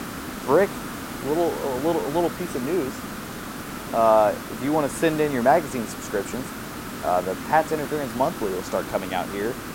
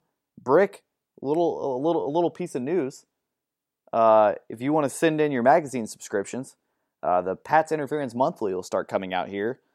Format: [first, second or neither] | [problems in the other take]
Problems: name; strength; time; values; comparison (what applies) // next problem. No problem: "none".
second | hiss; loud; throughout; 9 dB below the speech